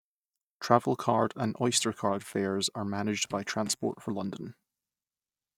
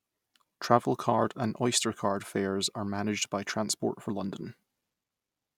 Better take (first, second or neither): second